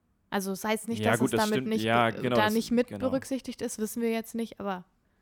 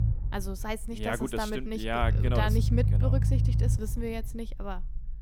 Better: first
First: none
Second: low rumble; loud; throughout; 8 dB below the speech

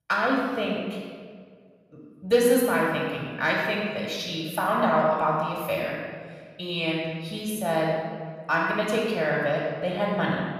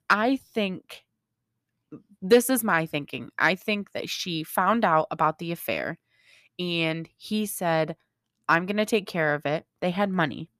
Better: second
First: room echo; noticeable; dies away in 1.6 s // off-mic speech; far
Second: none

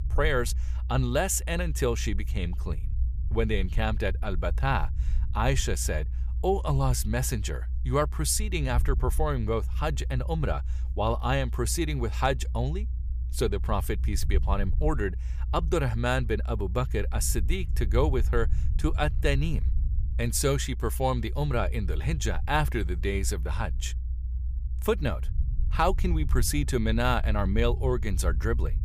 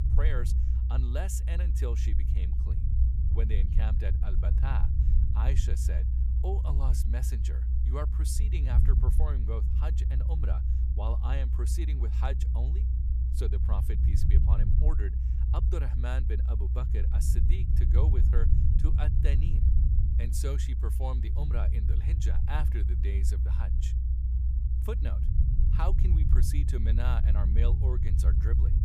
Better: first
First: low rumble; faint; throughout; 20 dB below the speech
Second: low rumble; loud; throughout; 3 dB below the speech

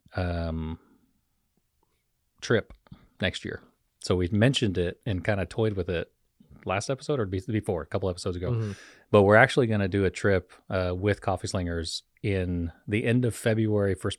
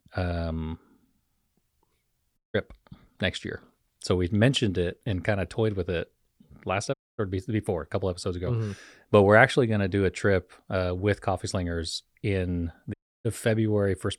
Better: first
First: none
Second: audio cutting out; at 2.5 s, at 7 s and at 13 s

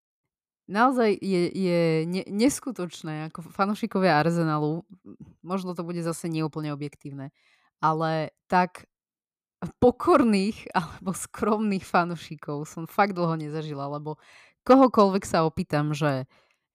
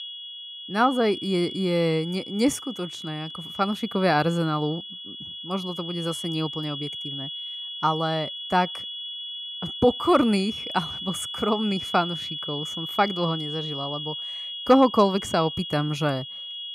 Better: first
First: none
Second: high-pitched whine; loud; throughout; 3.5 kHz, 7 dB below the speech

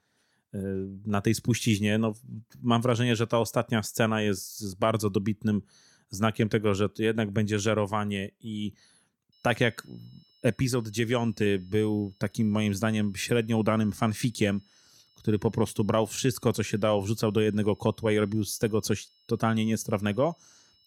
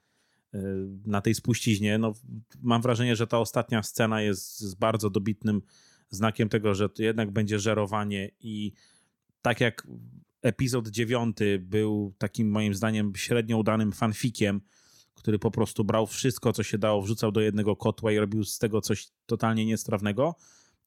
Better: second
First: high-pitched whine; faint; from 9.5 s on; 5.5 kHz, 35 dB below the speech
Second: none

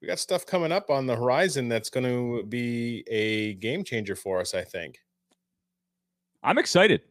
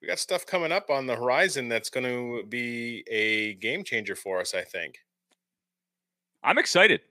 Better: first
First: none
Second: thin; very slightly; fading below 400 Hz

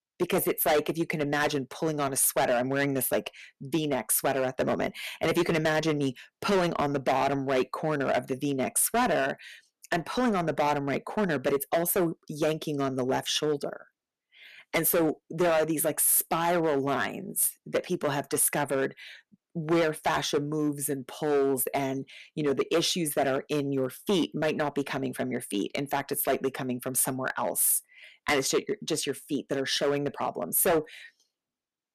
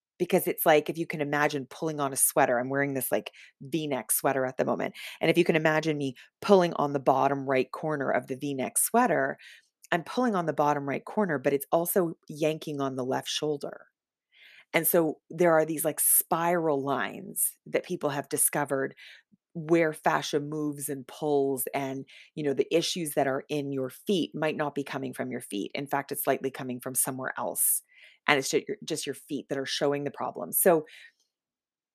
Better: second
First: distortion; heavy; 8% of the sound clipped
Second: none

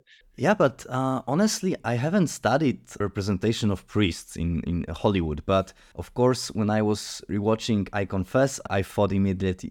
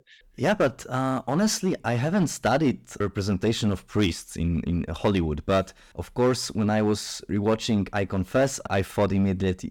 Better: first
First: none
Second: distortion; slight; 5% of the sound clipped

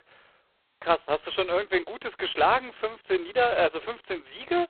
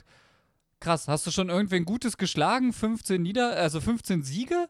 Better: second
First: phone-call audio; poor line; nothing above 4 kHz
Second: none

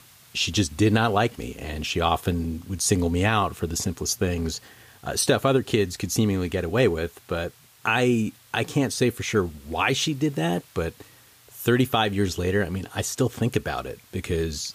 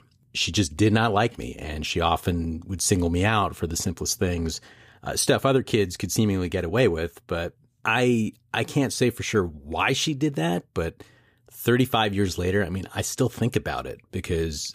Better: second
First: hiss; faint; throughout; 25 dB below the speech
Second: none

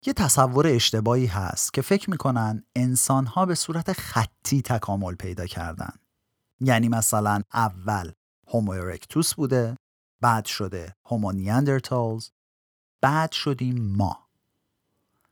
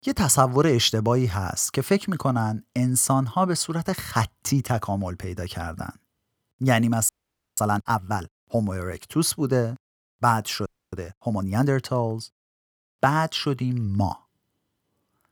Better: first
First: none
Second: audio freezing; at 7 s and at 11 s

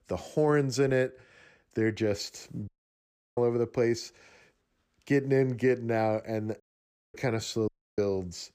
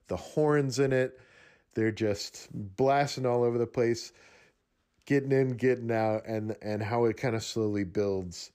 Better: second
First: audio cutting out; at 2.5 s for 0.5 s, at 6.5 s for 0.5 s and at 7.5 s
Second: none

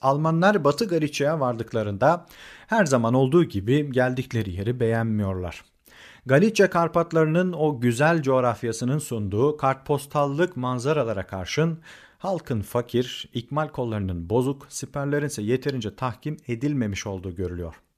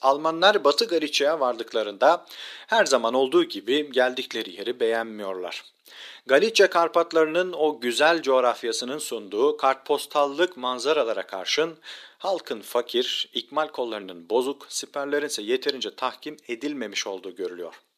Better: first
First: none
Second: thin; somewhat; fading below 350 Hz

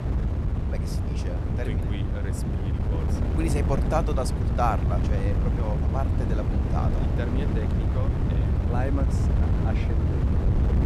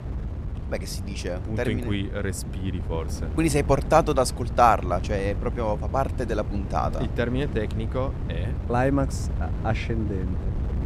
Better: second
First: wind noise on the microphone; heavy; 2 dB below the speech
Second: wind noise on the microphone; occasional gusts; 15 dB below the speech

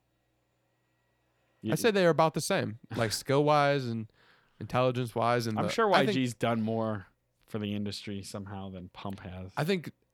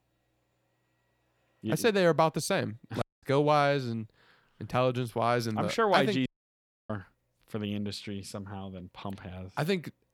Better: first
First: none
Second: audio cutting out; at 3 s and at 6.5 s for 0.5 s

